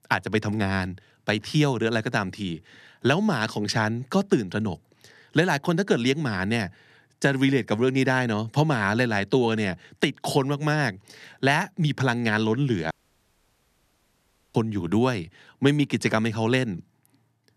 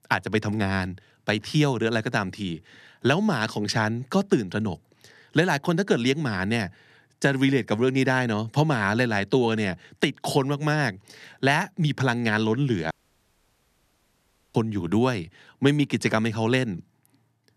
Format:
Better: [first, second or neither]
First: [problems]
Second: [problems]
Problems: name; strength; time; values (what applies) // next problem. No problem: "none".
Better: neither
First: audio cutting out; at 13 s for 1.5 s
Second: audio cutting out; at 13 s for 1.5 s